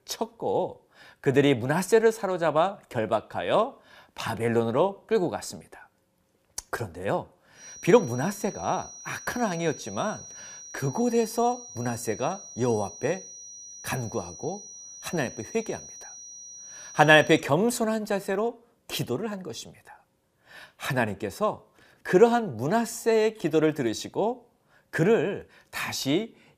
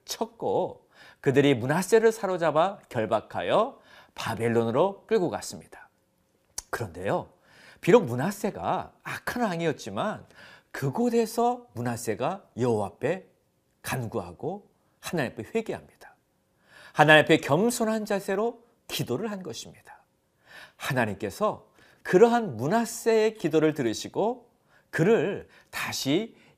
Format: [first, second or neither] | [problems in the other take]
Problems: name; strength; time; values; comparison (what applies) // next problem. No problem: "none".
second | high-pitched whine; noticeable; from 7.5 to 17 s; 6 kHz, 15 dB below the speech